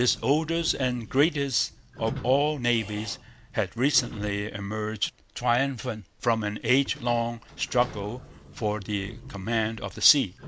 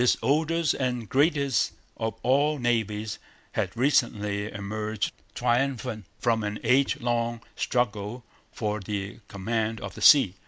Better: second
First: background sound (Squeak / Sliding door); 16 dB below the speech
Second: none

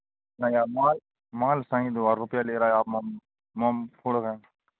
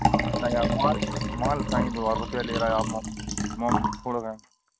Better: first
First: none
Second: background sound (Liquid); 1 dB above the speech

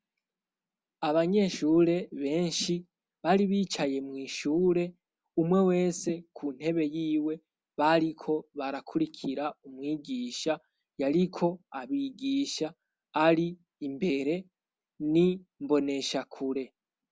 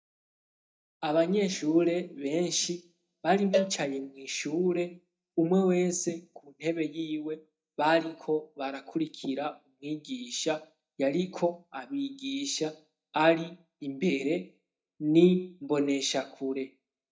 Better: first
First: none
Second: noise reduction (neural mask model DeepFilterNet 3)

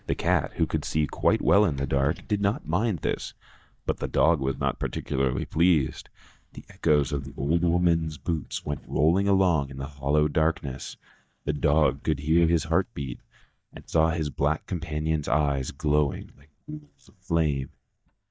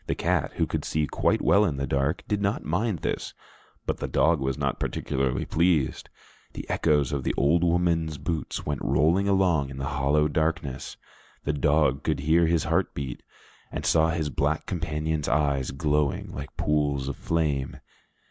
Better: second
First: noise reduction (neural mask model DeepFilterNet 3)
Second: none

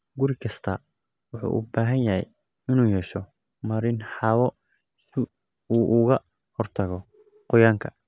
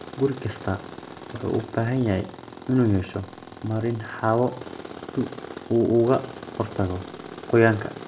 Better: first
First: none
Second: background sound (Tools); 14 dB below the speech // room echo; dies away in 0.5 s

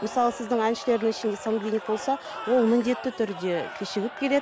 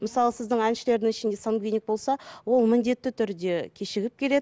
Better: second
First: background sound (Crowd / Cheering); 13 dB below the speech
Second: none

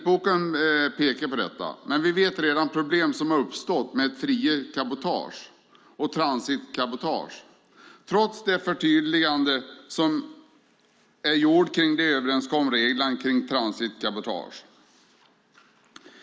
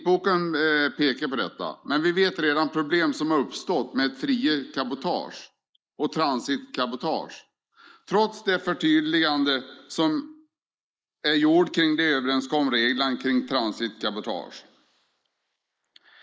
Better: first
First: none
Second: noise reduction (neural mask model Resemble Enhance denoiser)

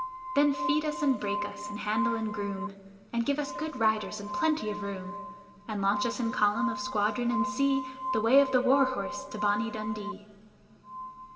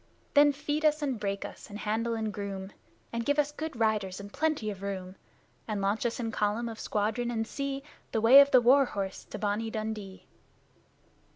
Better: second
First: background sound (Glass); 7 dB below the speech // room echo; dies away in 3 s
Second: none

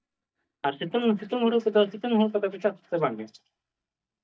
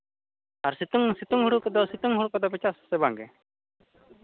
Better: second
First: noise reduction (neural mask model DeepFilterNet 3)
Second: none

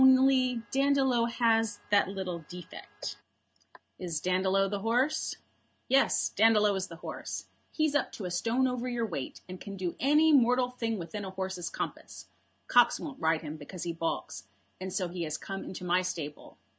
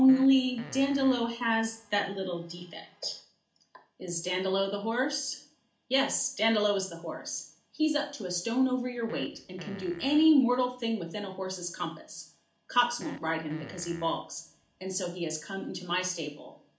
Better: first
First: none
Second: background sound (Fart); 19 dB below the speech // room echo; dies away in 0.4 s

